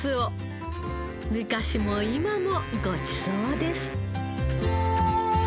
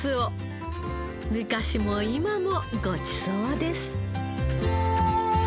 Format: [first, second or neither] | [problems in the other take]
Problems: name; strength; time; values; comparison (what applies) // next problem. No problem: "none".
second | background sound (Wind instrument, woodwind instrument); 15 dB below the speech